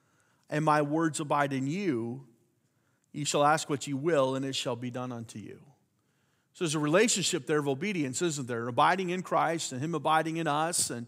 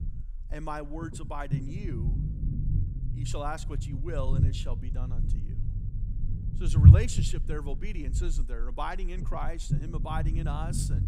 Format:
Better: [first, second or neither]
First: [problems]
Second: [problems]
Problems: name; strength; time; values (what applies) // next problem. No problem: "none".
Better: first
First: none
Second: low rumble; loud; throughout; 3 dB below the speech